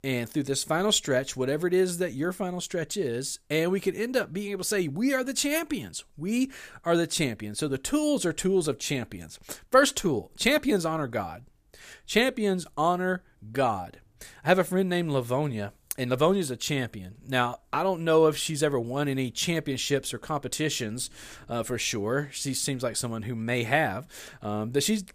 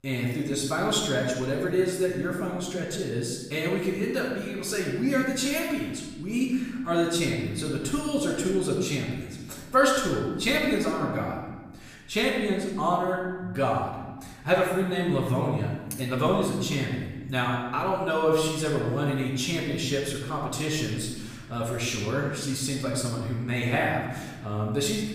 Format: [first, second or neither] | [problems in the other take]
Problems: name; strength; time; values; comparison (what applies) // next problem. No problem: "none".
first | off-mic speech; far // room echo; noticeable; dies away in 1.2 s